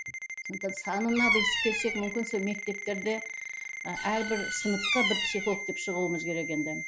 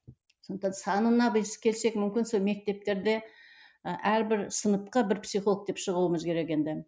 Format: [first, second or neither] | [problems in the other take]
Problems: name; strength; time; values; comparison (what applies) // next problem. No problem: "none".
second | background sound (Bird vocalization, bird call, bird song + Ringtone); 1 dB below the speech